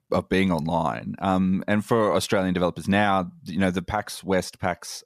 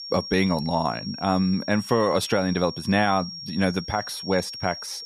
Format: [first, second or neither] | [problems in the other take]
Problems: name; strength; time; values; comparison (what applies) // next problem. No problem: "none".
first | high-pitched whine; noticeable; throughout; 5.5 kHz, 10 dB below the speech